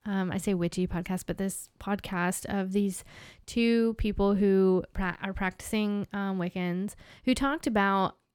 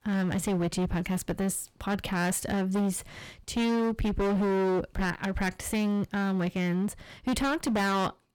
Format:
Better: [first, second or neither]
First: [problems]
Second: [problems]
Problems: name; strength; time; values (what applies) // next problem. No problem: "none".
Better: first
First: none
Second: distortion; heavy; 23% of the sound clipped